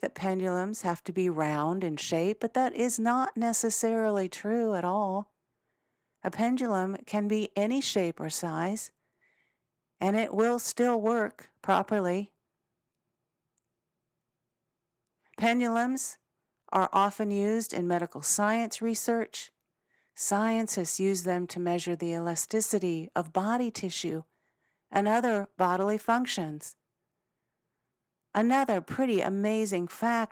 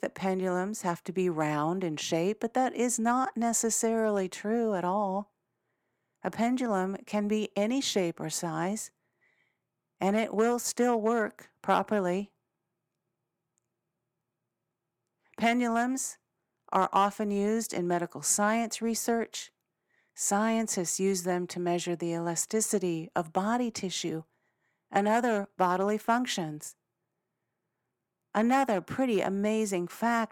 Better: second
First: garbled, watery; slightly; nothing above 18.5 kHz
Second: none

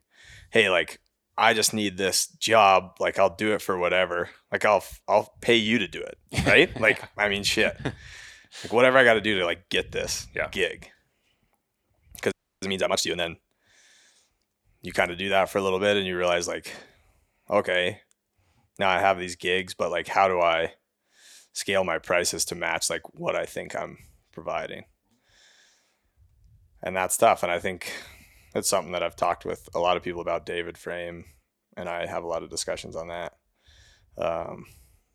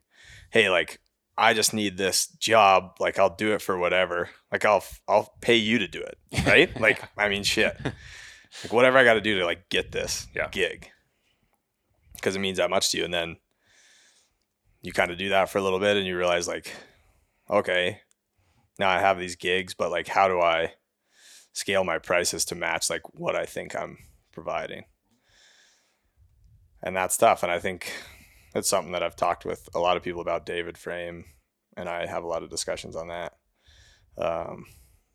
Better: second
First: audio freezing; at 12 s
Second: none

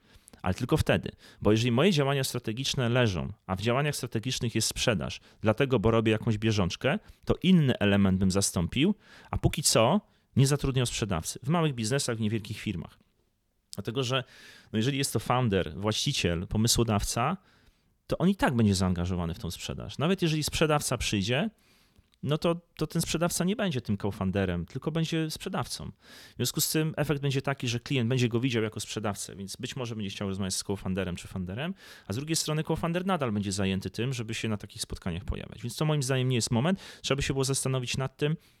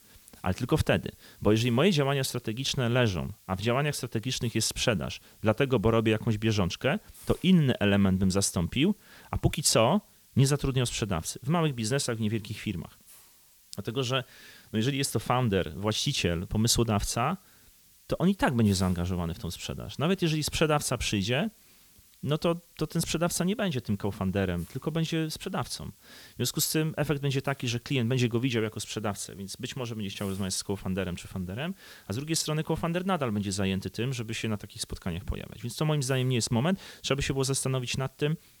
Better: first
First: none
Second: hiss; faint; throughout; 25 dB below the speech

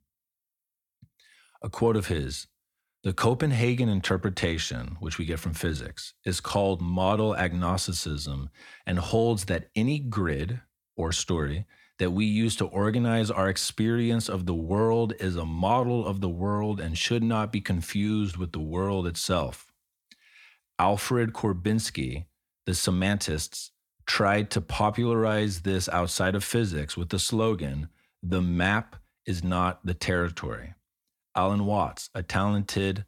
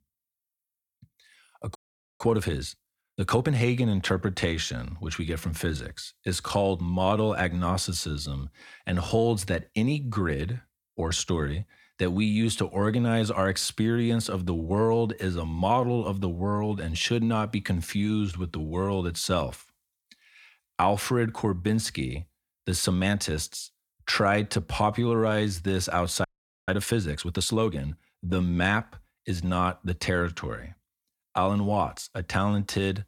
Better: first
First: none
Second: audio freezing; at 2 s and at 26 s

